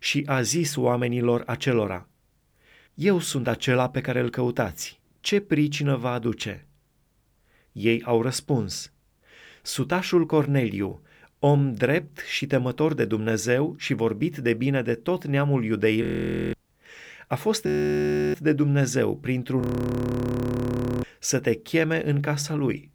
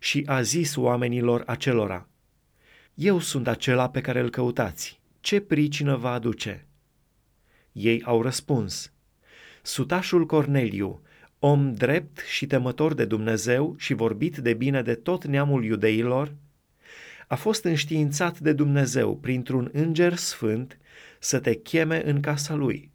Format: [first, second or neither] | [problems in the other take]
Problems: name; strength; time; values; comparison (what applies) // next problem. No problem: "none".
second | audio freezing; at 16 s for 0.5 s, at 18 s for 0.5 s and at 20 s for 1.5 s